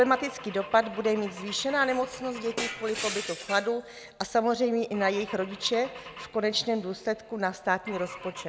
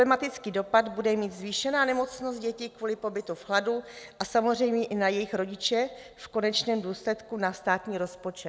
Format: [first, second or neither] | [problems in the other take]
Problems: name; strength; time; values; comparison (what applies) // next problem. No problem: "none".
second | background sound (Glass / Engine / Car); 13 dB below the speech